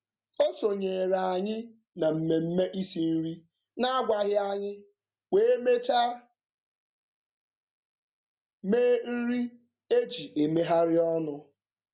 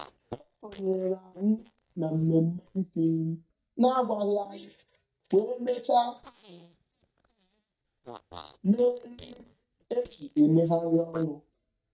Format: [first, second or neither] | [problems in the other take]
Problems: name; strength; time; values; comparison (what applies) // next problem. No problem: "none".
first | noise reduction (neural mask model DeepFilterNet 3)